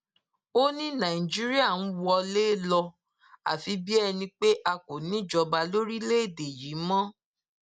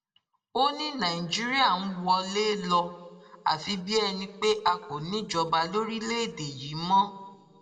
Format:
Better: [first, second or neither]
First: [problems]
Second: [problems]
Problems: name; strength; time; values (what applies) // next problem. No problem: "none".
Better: first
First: none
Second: room echo; dies away in 0.6 s